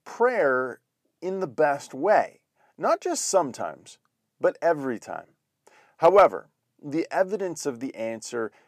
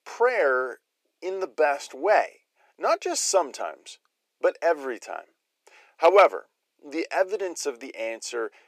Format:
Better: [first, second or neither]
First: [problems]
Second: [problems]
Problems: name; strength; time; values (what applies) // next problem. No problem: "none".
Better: first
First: none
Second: thin; somewhat; fading below 350 Hz